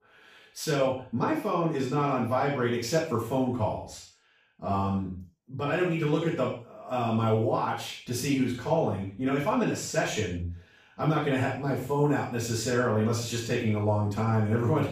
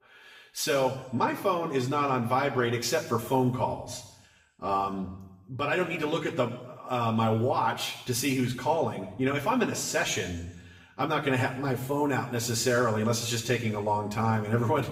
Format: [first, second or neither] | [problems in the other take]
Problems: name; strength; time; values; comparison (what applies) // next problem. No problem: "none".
second | room echo; strong; dies away in 0.4 s; slight in the second // off-mic speech; far; far in the second